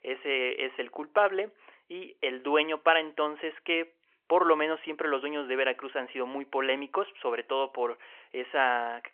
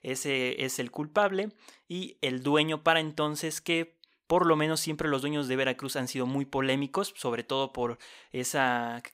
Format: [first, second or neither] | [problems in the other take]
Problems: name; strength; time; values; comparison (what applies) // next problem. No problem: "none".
second | phone-call audio; nothing above 3 kHz